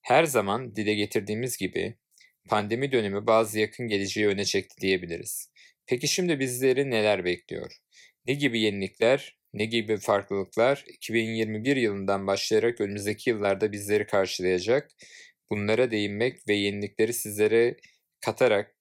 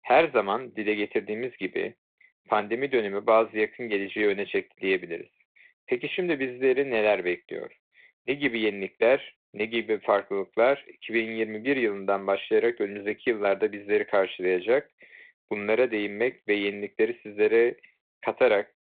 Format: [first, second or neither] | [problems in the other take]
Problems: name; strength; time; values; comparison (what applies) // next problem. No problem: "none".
first | phone-call audio; nothing above 3.5 kHz